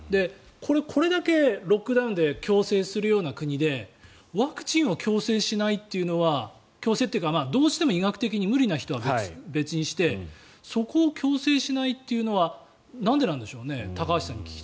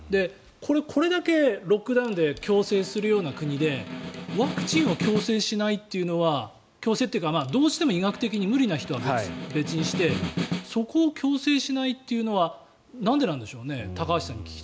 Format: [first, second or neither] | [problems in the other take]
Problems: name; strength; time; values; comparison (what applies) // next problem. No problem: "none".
first | background sound (Snare drum); 8 dB below the speech